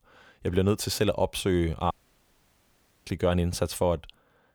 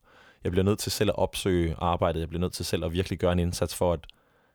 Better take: second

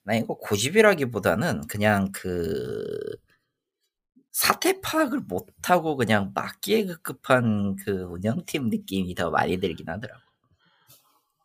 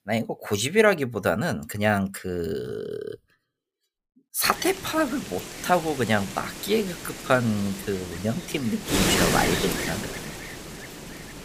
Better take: first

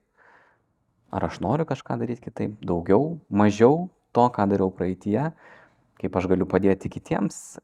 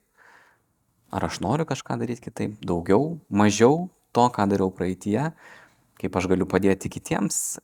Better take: second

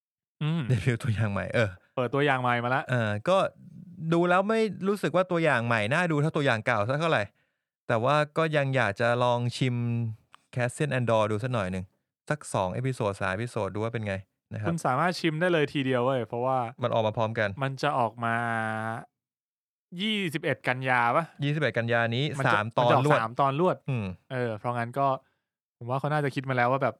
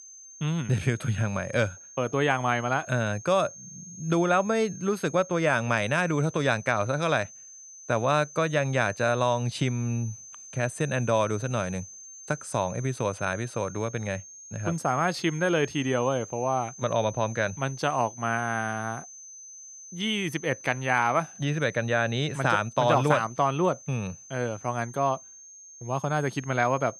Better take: first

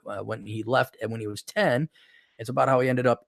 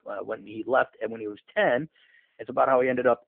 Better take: first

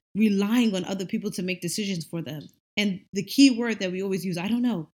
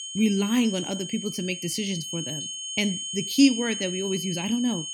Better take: first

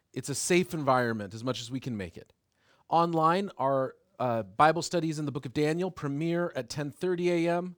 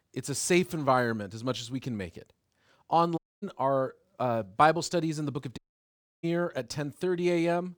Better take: first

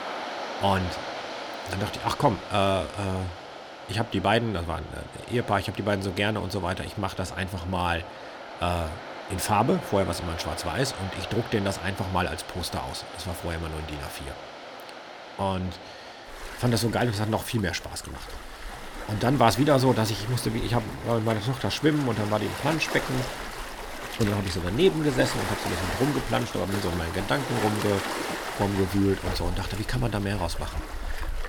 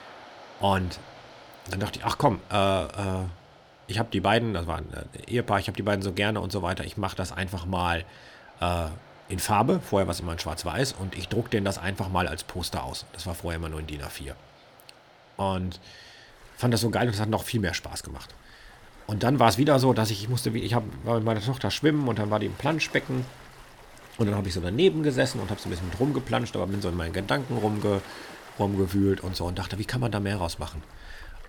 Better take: second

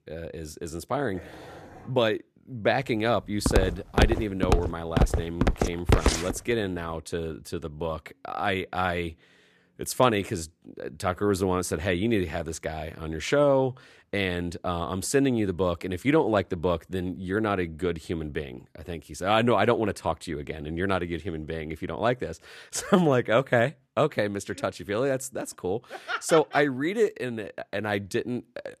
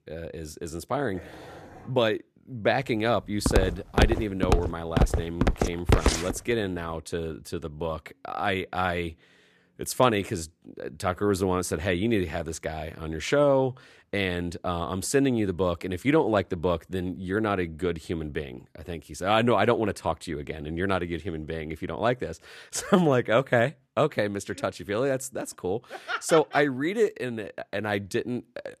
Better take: neither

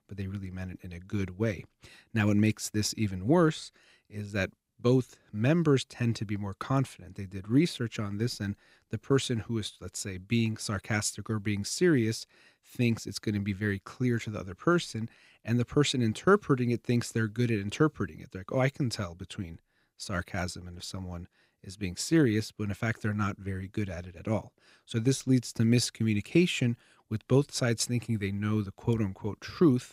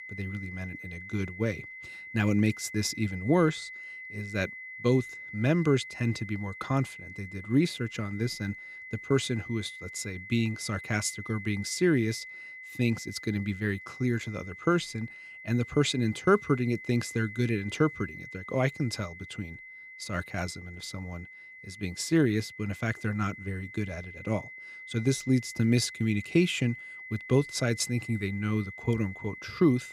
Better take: first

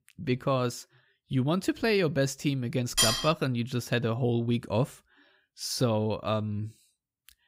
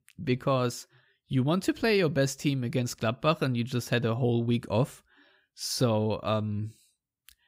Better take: second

